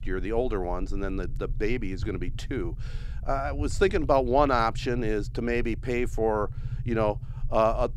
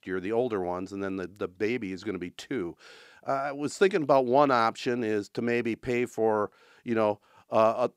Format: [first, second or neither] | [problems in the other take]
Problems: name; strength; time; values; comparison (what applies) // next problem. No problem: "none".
second | low rumble; faint; throughout; 25 dB below the speech